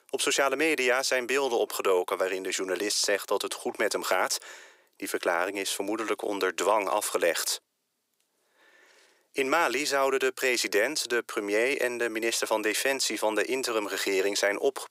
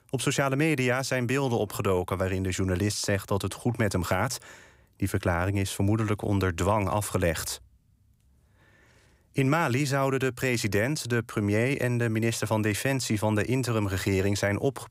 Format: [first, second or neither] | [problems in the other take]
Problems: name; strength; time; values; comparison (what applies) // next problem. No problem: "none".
second | thin; very; fading below 400 Hz